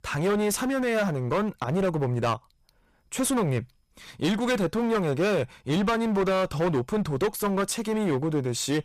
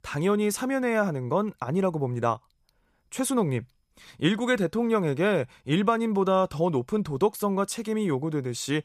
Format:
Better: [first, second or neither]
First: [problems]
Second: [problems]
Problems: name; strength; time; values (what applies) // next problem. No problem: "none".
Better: second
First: distortion; heavy; 18% of the sound clipped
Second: none